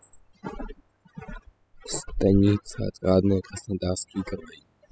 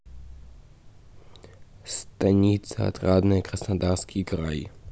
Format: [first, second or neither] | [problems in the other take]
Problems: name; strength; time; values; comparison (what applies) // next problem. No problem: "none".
second | noise reduction (classical method spectral subtraction)